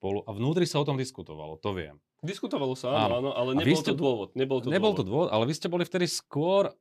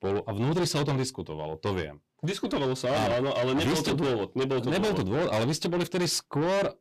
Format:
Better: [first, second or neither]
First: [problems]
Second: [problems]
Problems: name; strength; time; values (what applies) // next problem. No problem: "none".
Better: first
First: none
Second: distortion; heavy; 6 dB below the speech